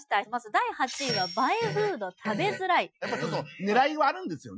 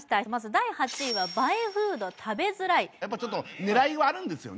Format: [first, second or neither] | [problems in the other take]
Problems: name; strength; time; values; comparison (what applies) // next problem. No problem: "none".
second | noise reduction (classical method Wiener filter)